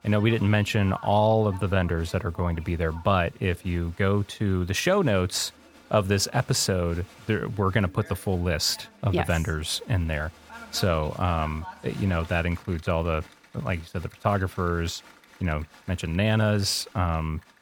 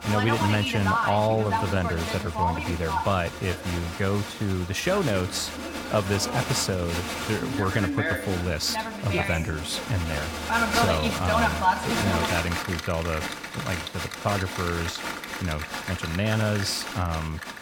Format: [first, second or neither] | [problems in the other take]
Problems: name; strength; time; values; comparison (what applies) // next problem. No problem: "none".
first | crowd noise; loud; throughout; 1 dB below the speech; faint in the first